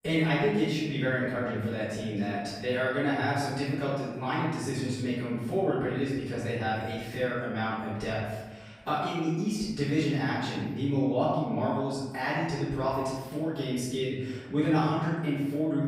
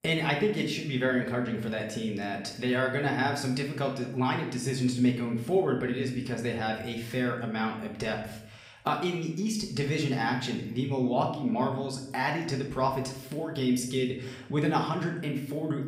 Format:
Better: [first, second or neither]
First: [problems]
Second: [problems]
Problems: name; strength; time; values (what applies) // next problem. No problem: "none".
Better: second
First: room echo; strong; dies away in 1.1 s // off-mic speech; far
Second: room echo; slight; dies away in 0.7 s // off-mic speech; somewhat distant